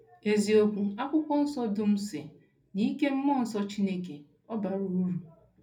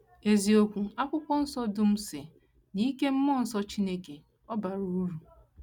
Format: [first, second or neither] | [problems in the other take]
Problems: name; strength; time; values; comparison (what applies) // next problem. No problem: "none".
second | room echo; dies away in 0.3 s